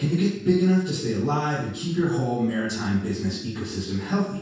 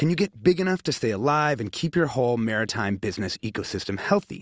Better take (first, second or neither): second